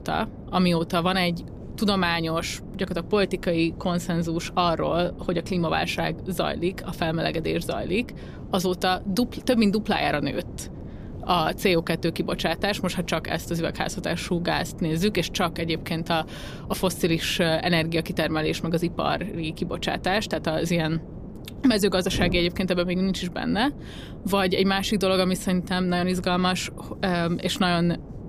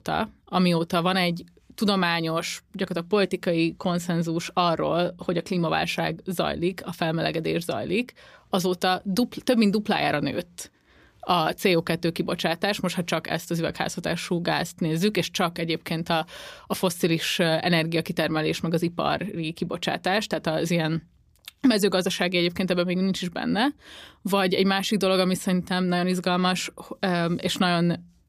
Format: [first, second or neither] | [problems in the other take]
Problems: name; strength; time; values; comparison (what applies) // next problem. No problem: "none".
second | wind noise on the microphone; occasional gusts; 20 dB below the speech